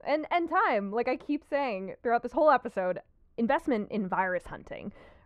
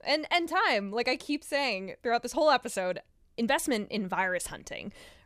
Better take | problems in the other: second | muffled; very; fading above 3 kHz

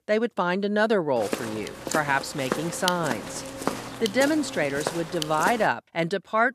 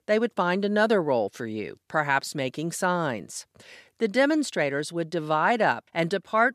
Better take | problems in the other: second | footsteps; noticeable; from 1 to 5.5 s; peak 2 dB below the speech

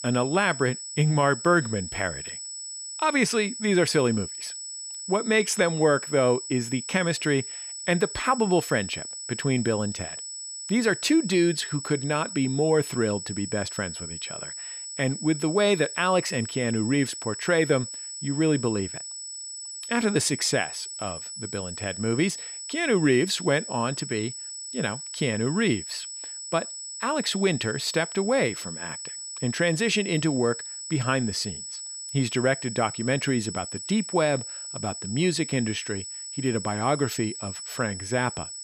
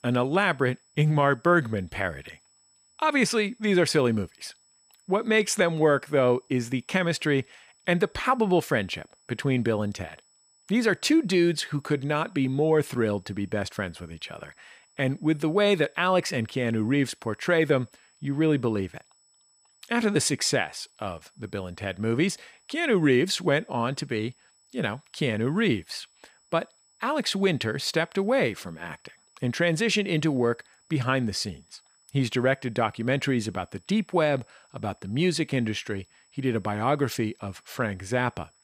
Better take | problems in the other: second | high-pitched whine; loud; throughout; 8 kHz, 8 dB below the speech; faint in the second

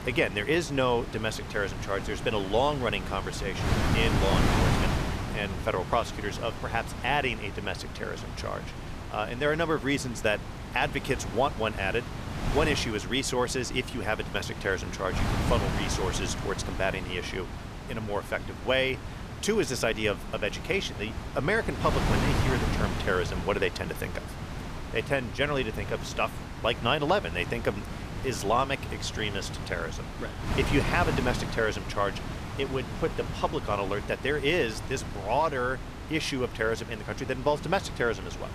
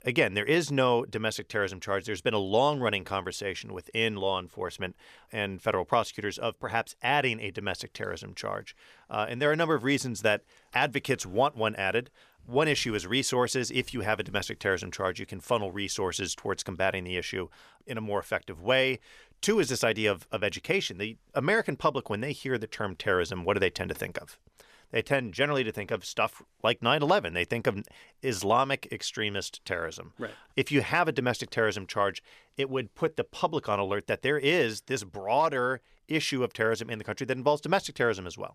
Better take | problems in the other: second | wind noise on the microphone; heavy; 8 dB below the speech

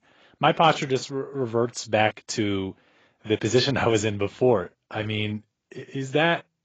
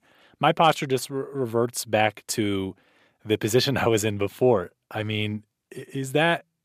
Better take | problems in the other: second | garbled, watery; badly; nothing above 7.5 kHz

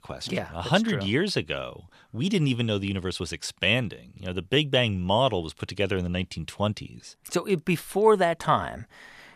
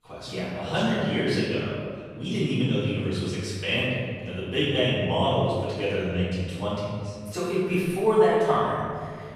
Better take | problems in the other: first | room echo; strong; dies away in 1.9 s // off-mic speech; far

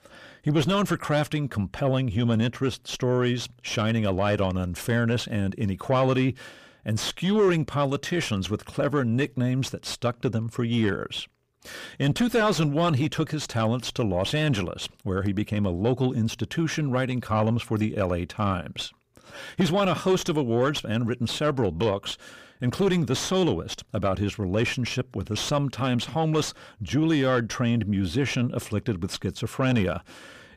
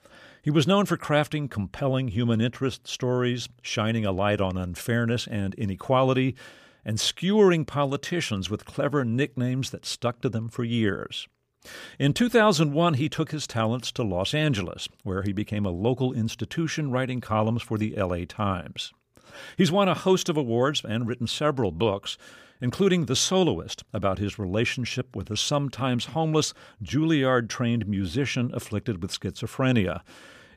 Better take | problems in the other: second | distortion; slight; 10 dB below the speech

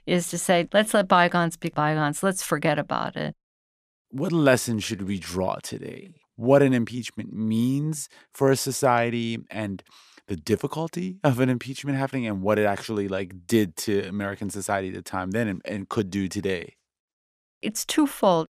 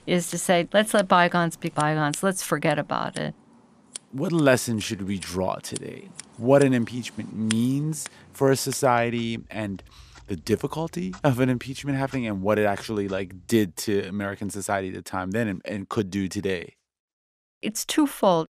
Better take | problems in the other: first | household noises; noticeable; until 13 s; 20 dB below the speech

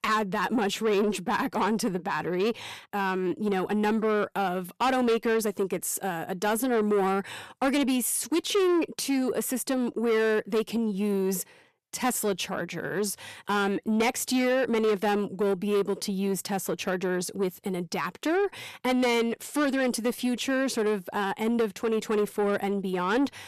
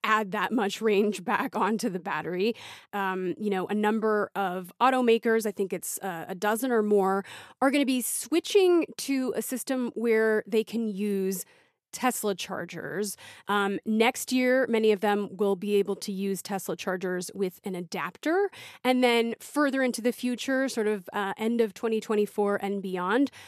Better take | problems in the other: second | distortion; slight; 10 dB below the speech

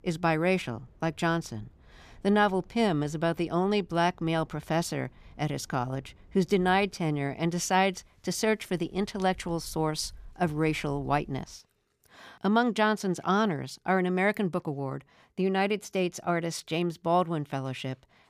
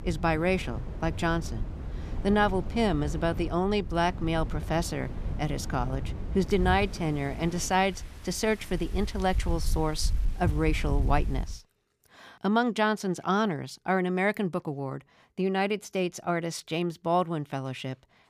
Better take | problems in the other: first | wind in the background; loud; until 11 s; 7 dB below the speech; faint in the first

